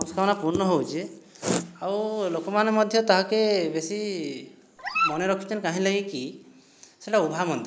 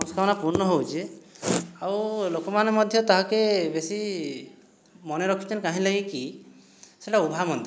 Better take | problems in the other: second | noise reduction (neural mask model Resemble Enhance denoiser)

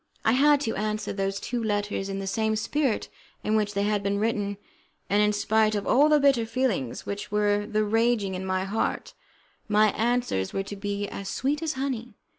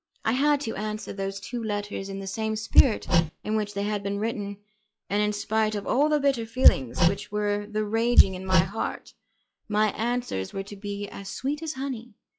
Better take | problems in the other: first | noise reduction (classical method log-MMSE)

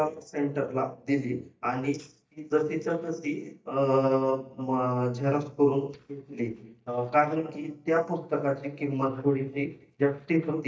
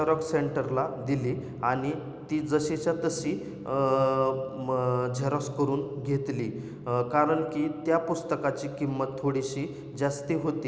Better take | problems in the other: second | noise reduction (neural mask model DeepFilterNet 3)

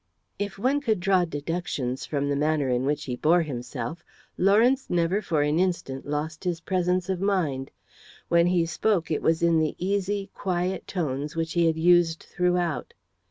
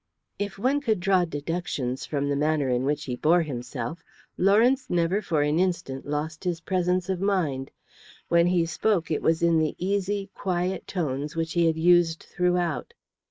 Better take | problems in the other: first | noise reduction (neural mask model Resemble Enhance denoiser)

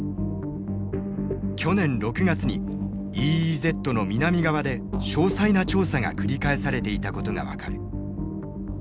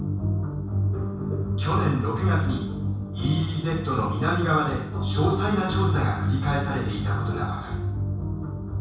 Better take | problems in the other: first | room echo; dies away in 0.7 s

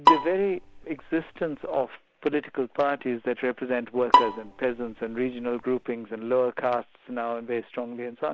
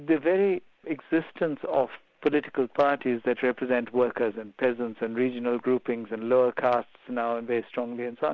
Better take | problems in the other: second | background sound (Bowed string instrument); 2 dB above the speech

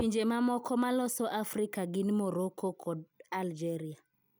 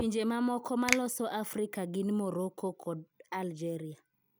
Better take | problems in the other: first | background sound (Finger snapping); 6 dB below the speech

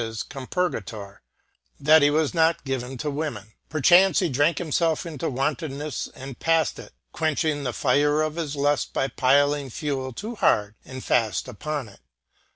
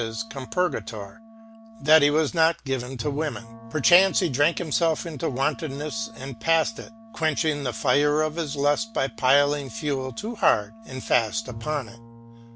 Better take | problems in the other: first | background sound (Wind instrument, woodwind instrument + Bowed string instrument); 18 dB below the speech

